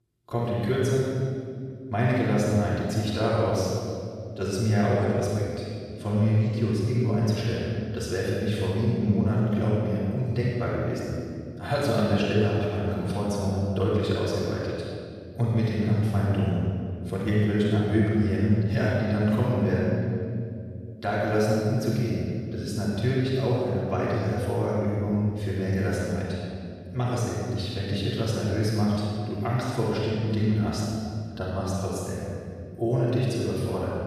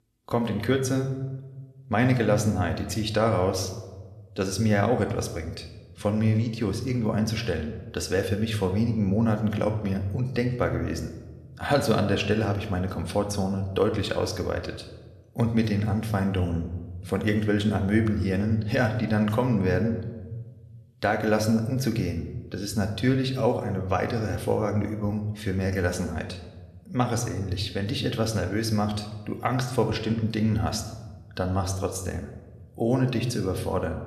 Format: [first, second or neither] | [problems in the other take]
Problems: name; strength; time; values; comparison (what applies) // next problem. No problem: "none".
second | room echo; strong; dies away in 2.2 s; slight in the second // off-mic speech; far